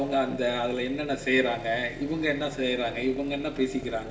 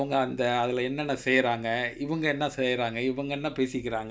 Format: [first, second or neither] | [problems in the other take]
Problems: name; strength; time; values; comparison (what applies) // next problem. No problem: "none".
second | background sound (Motorcycle); 15 dB below the speech // room echo; dies away in 0.8 s